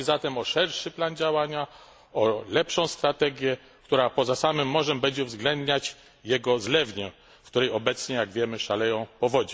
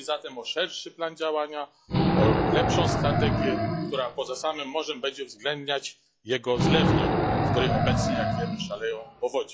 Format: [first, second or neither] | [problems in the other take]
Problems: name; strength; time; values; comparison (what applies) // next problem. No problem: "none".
first | noise reduction (classical method log-MMSE)